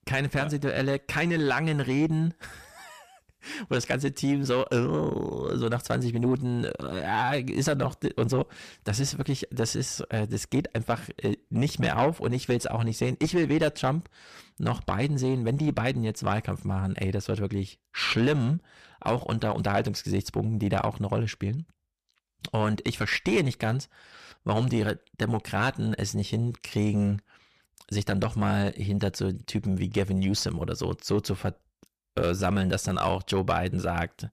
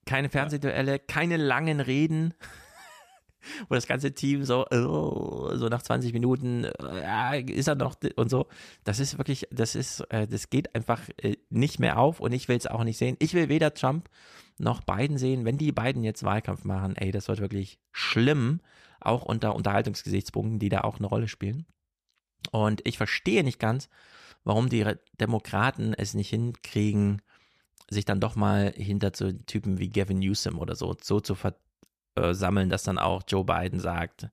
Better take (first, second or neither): second